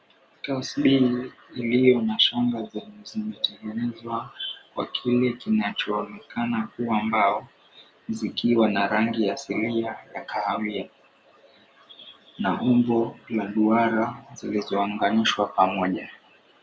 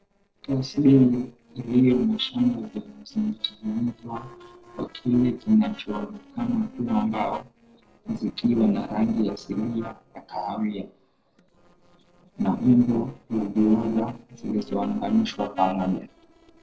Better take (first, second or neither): first